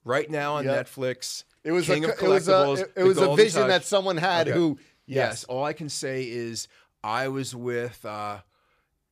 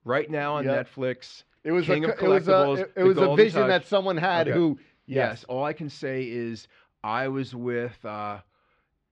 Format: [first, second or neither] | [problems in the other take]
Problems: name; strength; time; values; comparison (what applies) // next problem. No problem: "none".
first | muffled; slightly; fading above 3.5 kHz